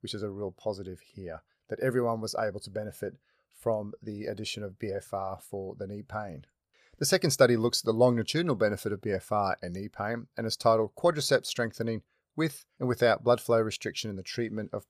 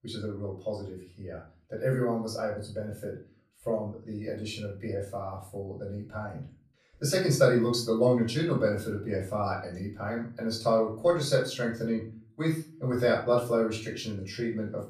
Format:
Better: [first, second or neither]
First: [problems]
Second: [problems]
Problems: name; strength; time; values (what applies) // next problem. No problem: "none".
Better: first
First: none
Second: off-mic speech; far // room echo; slight; dies away in 0.4 s